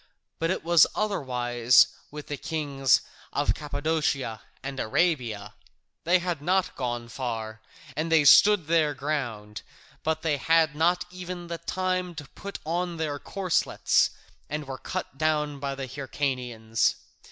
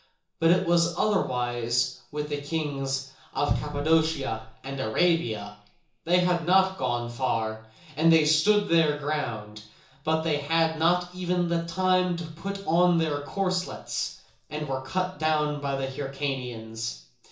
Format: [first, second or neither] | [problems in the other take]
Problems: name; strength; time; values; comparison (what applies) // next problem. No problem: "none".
first | room echo; dies away in 0.7 s